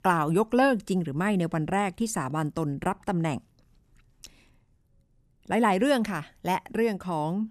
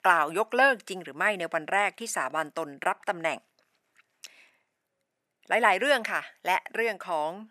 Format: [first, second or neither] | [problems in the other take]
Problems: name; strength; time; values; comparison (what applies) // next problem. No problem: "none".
first | thin; very; fading below 500 Hz